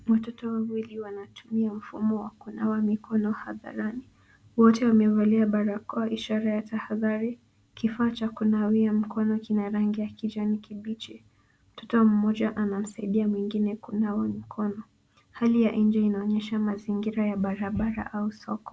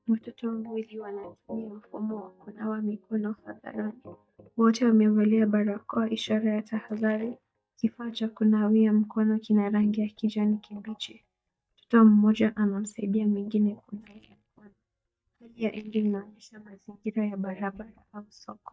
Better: first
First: none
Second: noise reduction (neural mask model DeepFilterNet 3)

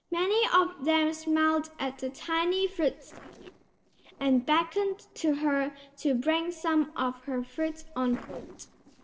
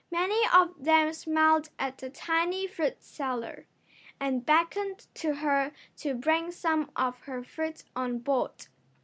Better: second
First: noise reduction (neural separator model SepFormer DNS4)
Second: none

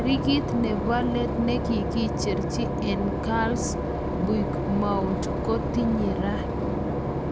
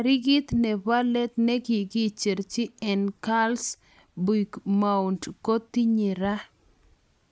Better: second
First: background sound (Engine / Boat, Water vehicle); 1 dB above the speech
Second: none

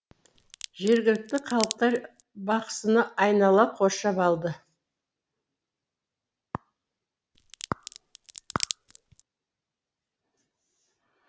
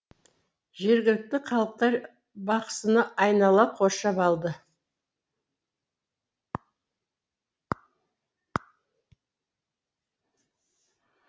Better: second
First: background sound (Crack); 11 dB below the speech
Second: none

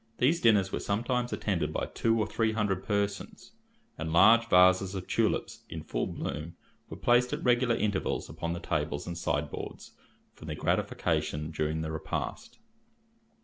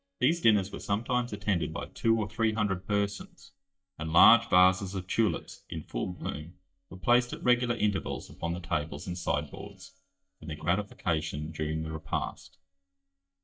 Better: first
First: none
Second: noise reduction (neural mask model DeepFilterNet 3)

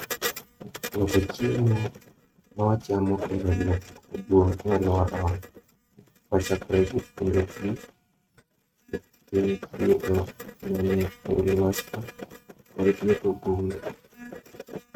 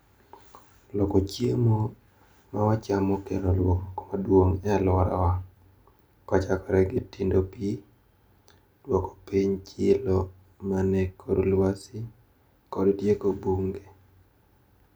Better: second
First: noise reduction (neural mask model RNNoise)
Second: none

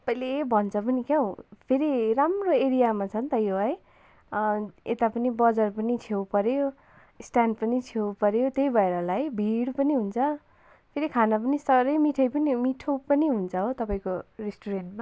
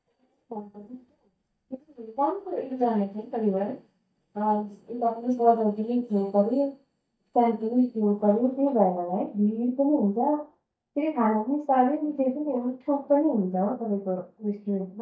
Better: first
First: none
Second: noise reduction (neural mask model DeepFilterNet 3)

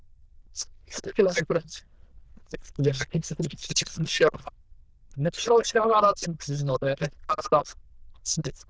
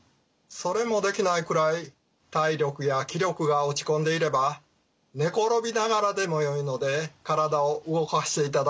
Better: second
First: noise reduction (neural diffusion model UNIVERSE++)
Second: none

